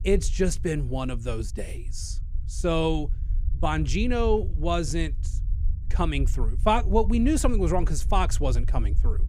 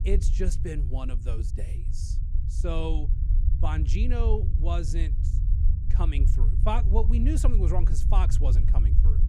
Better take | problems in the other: first | low rumble; loud; throughout; 9 dB below the speech; faint in the first

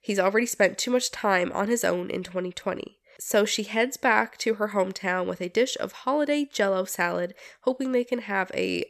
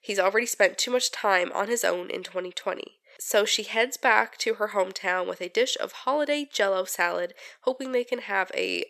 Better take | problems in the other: first | thin; somewhat; fading below 400 Hz

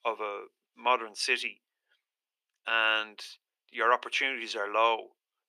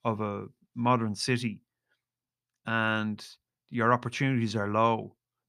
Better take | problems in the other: second | thin; very; fading below 400 Hz

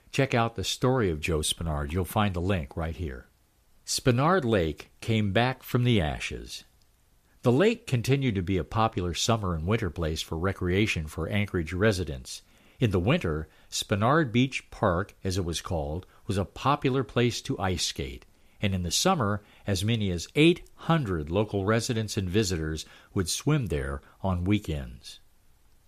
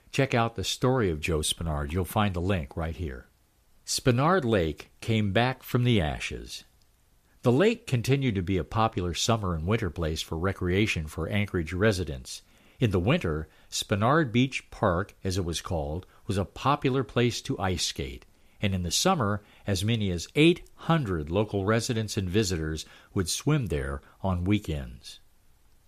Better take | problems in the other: neither | none

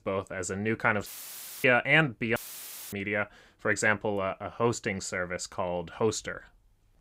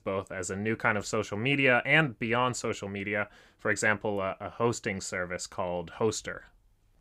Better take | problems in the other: second | audio cutting out; filled with static; at 1 s for 0.5 s and at 2.5 s for 0.5 s

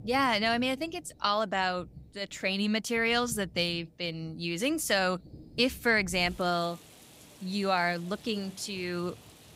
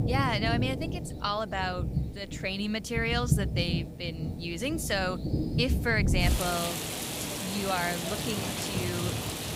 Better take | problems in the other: first | rain or running water; loud; throughout; as loud as the speech; faint in the first

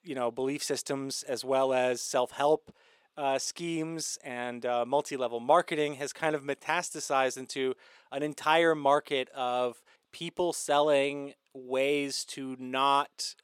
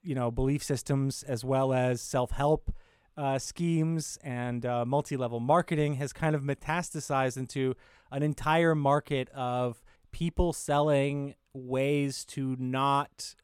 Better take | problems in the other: second | thin; somewhat; fading below 400 Hz

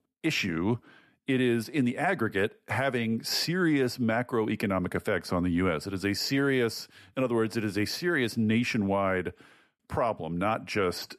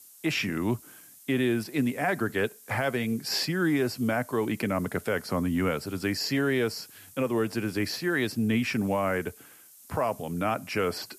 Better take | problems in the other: first | hiss; faint; throughout; 20 dB below the speech

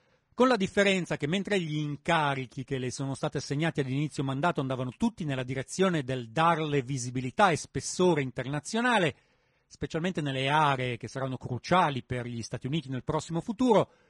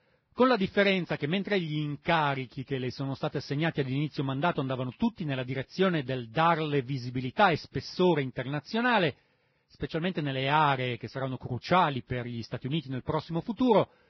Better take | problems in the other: first | garbled, watery; badly; nothing above 5.5 kHz; slightly in the first

